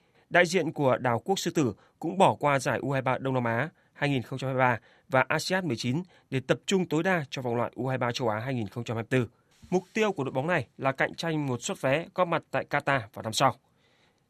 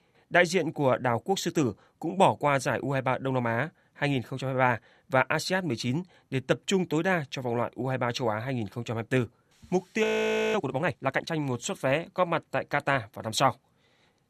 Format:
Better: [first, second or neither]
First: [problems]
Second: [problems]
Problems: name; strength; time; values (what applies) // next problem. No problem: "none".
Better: first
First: none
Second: audio freezing; at 10 s for 0.5 s